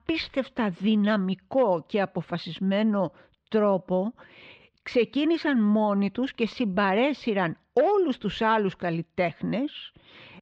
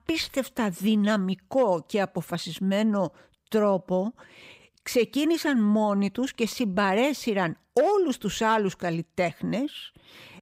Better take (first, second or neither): second